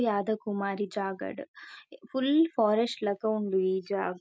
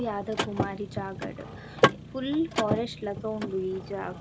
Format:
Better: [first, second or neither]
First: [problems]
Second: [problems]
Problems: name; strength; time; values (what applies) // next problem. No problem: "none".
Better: first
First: none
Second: background sound (Mechanisms / Car); 1 dB above the speech